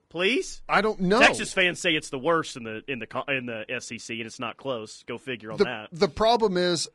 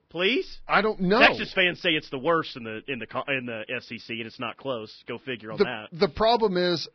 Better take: first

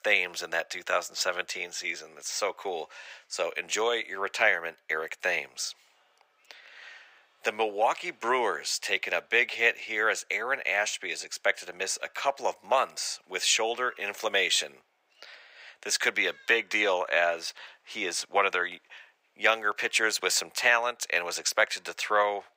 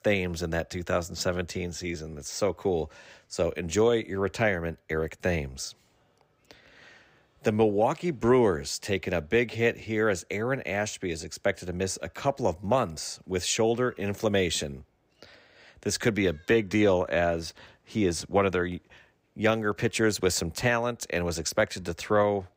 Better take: second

